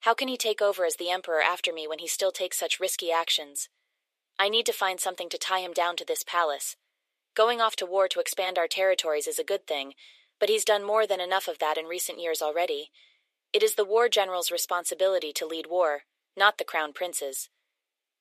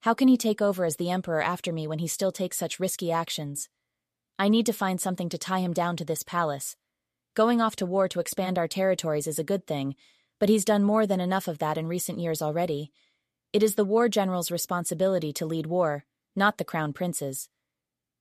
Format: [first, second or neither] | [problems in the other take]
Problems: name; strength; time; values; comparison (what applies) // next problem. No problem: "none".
second | thin; very; fading below 400 Hz